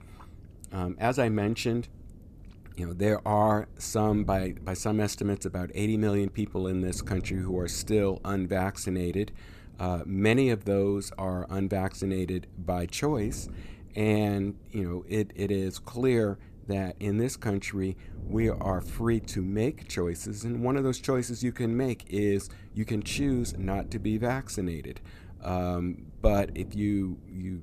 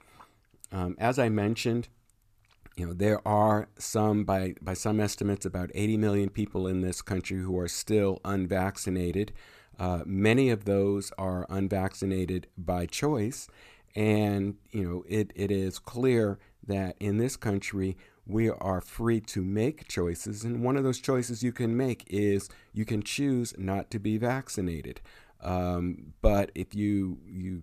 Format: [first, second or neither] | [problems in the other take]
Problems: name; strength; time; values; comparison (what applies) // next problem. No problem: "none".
second | wind noise on the microphone; occasional gusts; 25 dB below the speech